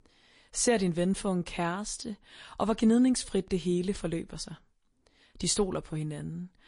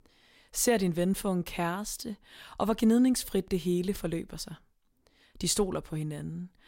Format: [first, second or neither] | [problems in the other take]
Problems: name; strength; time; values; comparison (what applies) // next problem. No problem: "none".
second | garbled, watery; slightly; nothing above 10.5 kHz